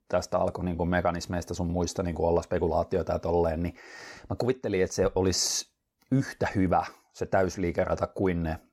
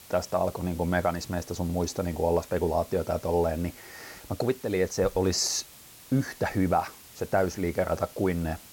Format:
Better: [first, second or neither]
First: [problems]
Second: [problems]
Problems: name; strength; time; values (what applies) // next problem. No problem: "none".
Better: first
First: none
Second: hiss; noticeable; throughout; 20 dB below the speech